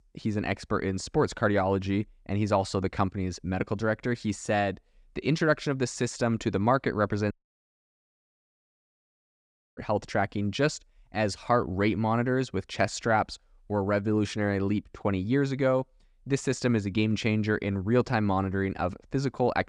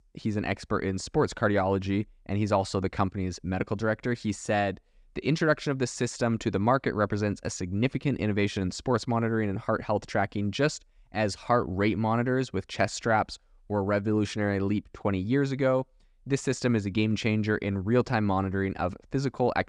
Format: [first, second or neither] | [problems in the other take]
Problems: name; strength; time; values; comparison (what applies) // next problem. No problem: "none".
second | audio cutting out; at 7.5 s for 2.5 s